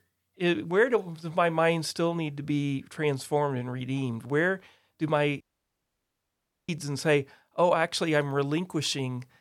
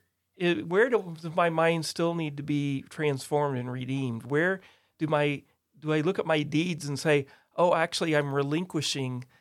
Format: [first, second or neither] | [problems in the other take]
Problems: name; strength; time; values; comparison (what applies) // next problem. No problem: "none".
second | audio cutting out; at 5.5 s for 1.5 s